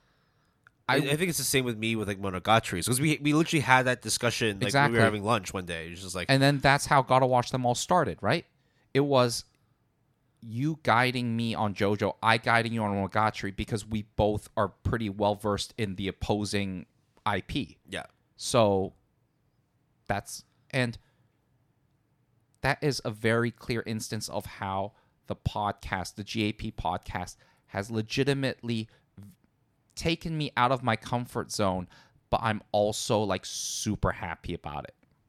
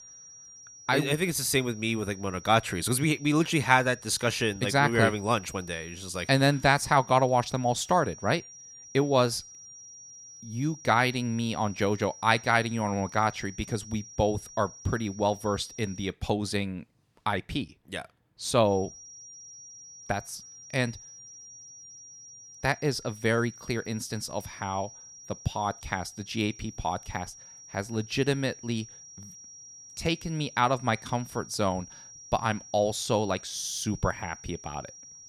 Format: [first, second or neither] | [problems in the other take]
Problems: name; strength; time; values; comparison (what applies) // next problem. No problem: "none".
first | high-pitched whine; noticeable; until 16 s and from 19 s on; 5.5 kHz, 15 dB below the speech